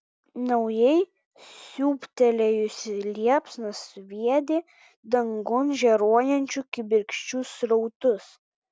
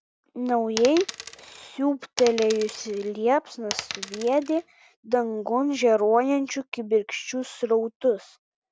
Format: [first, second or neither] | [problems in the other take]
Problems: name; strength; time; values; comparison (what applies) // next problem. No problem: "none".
first | background sound (Coin (dropping)); 11 dB below the speech